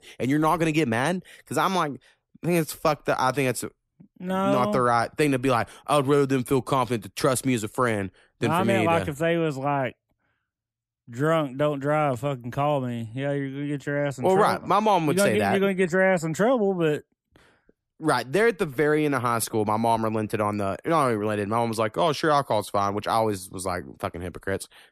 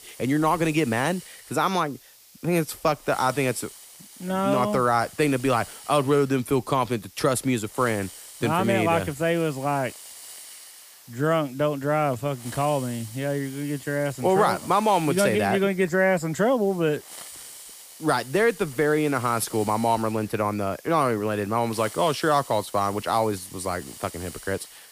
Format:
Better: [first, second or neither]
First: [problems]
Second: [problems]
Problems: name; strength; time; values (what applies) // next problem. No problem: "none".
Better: first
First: none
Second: hiss; noticeable; throughout; 15 dB below the speech